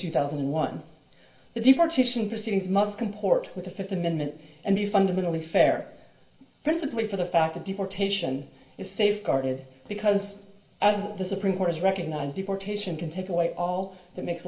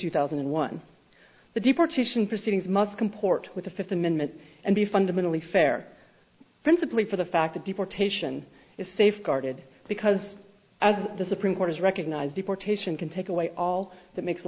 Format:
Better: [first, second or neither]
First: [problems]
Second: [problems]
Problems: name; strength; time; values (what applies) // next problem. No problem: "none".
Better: second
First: room echo; dies away in 0.3 s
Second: none